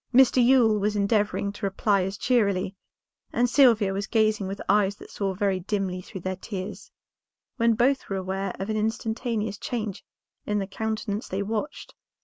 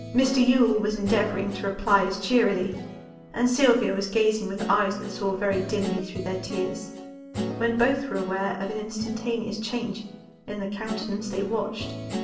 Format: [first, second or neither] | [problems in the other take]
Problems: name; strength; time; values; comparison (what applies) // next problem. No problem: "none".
first | background sound (Guitar); 10 dB below the speech // room echo; dies away in 0.7 s